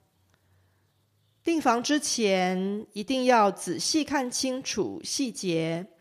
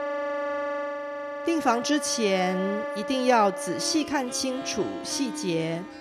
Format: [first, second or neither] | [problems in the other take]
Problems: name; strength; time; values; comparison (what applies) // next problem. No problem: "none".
first | background music; loud; throughout; 7 dB below the speech